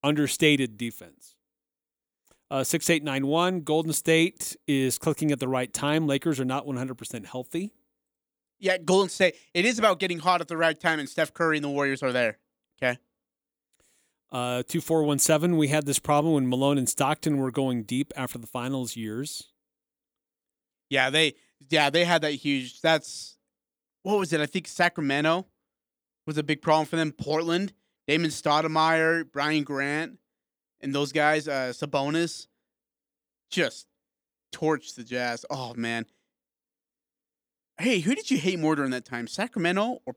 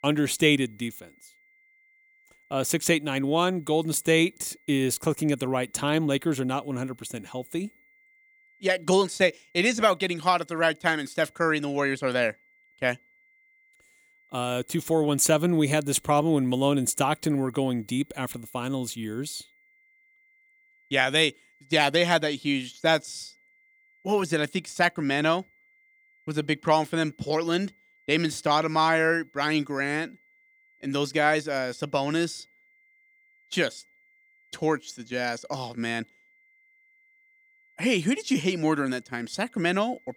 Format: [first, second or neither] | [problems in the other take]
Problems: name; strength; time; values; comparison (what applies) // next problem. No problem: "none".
first | high-pitched whine; faint; throughout; 2 kHz, 35 dB below the speech